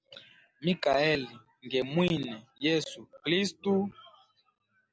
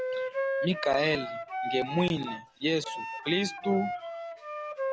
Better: first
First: none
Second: background sound (Wind instrument, woodwind instrument); 4 dB below the speech

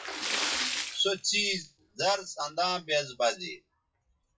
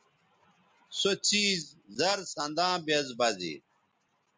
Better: second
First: noise reduction (classical method WPE with log-MMSE)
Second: none

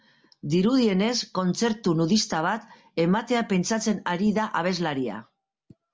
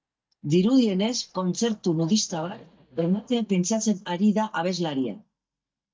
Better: first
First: none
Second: noise reduction (neural mask model DeepFilterNet 3)

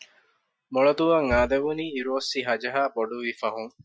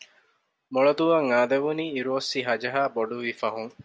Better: second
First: noise reduction (classical method Wiener filter)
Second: none

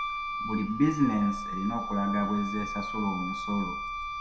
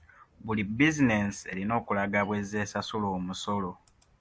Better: second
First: background sound (Wind instrument, woodwind instrument); 4 dB below the speech // room echo; dies away in 0.6 s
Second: none

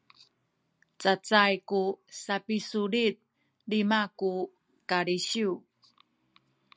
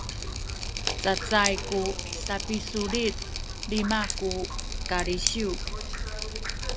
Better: first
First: none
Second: background sound (Drip); 1 dB below the speech

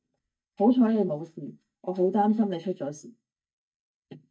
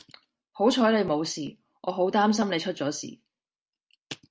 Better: second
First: noise reduction (neural mask model DeepFilterNet 3)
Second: none

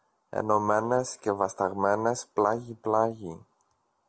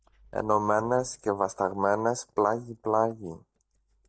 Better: first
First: none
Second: noise reduction (neural mask model DeepFilterNet 3)

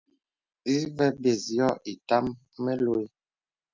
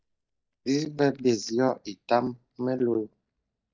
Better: first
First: none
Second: noise reduction (neural mask model DeepFilterNet 3)

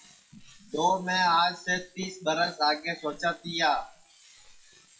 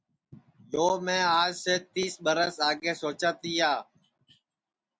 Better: second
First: noise reduction (classical method WPE with log-MMSE)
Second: none

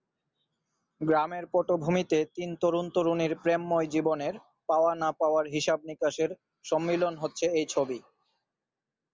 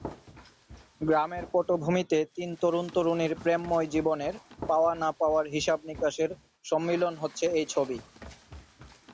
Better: first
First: none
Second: background sound (Run); 19 dB below the speech

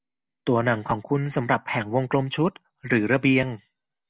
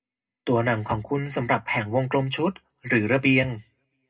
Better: first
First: none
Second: room echo; dies away in 0.2 s

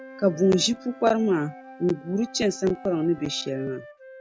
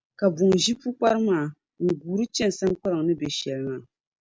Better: second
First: background sound (Wind instrument, woodwind instrument + Wind instrument, woodwind instrument); 19 dB below the speech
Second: none

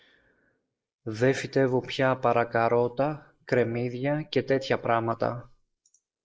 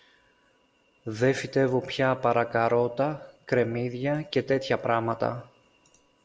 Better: second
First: noise reduction (neural mask model Resemble Enhance denoiser)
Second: none

